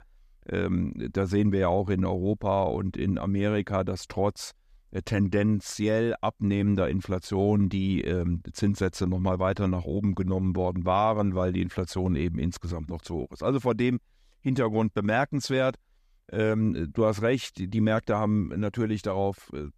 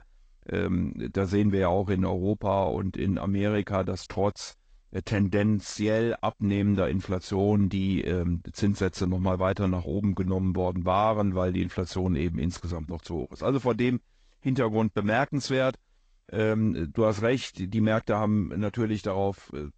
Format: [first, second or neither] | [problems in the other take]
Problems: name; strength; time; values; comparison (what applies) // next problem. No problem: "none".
first | garbled, watery; slightly; nothing above 8 kHz